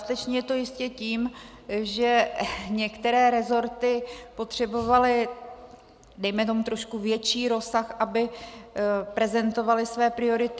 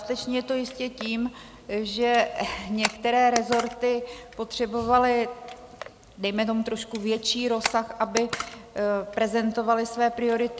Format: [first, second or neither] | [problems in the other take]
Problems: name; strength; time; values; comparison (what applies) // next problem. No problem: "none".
first | background sound (Camera); 13 dB below the speech